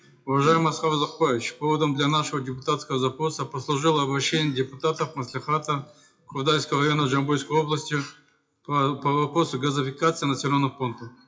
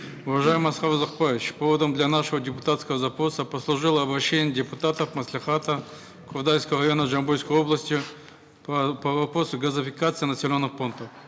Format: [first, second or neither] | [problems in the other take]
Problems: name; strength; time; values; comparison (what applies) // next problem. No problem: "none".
second | noise reduction (classical method WPE with log-MMSE)